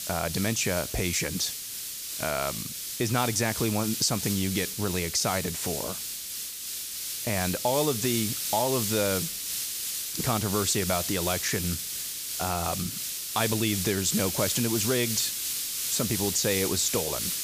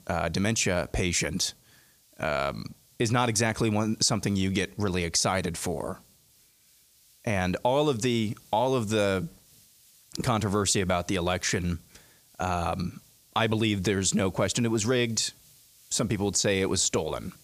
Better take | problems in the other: second | hiss; loud; throughout; 2 dB below the speech; faint in the second

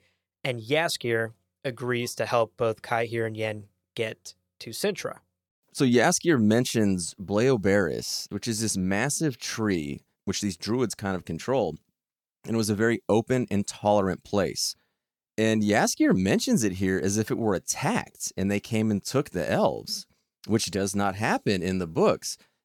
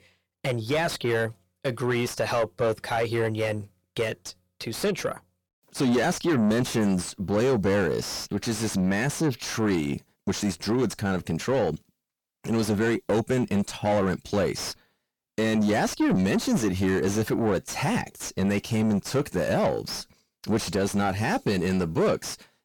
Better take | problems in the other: first | distortion; heavy; 7 dB below the speech

